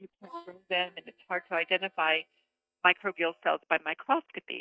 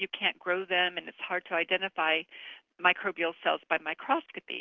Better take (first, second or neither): second